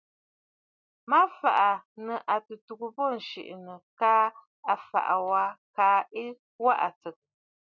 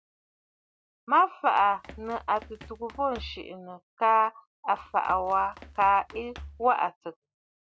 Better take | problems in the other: first | background sound (Run); 19 dB below the speech

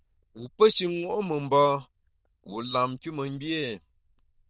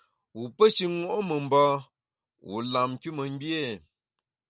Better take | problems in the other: second | noise reduction (neural diffusion model UNIVERSE++)

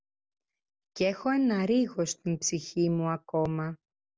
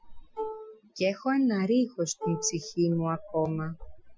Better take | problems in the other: first | noise reduction (classical method Wiener filter)

